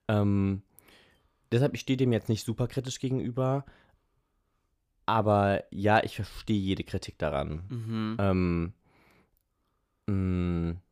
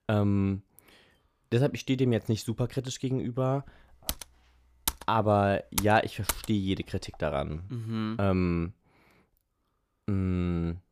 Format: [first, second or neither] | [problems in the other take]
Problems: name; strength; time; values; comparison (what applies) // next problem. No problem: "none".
first | keyboard typing; noticeable; from 4 to 6.5 s; peak 4 dB below the speech